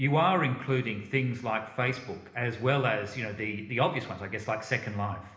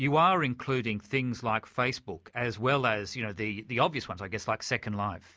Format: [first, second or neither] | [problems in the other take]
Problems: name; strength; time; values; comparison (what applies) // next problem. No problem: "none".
second | room echo; dies away in 1.1 s